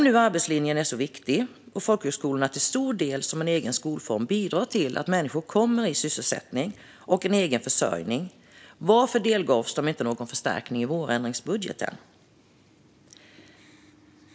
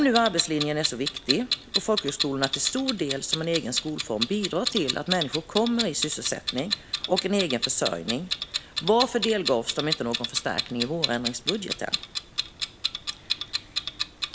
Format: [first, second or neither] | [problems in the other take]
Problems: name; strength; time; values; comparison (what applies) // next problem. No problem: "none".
first | background sound (Clock); 4 dB below the speech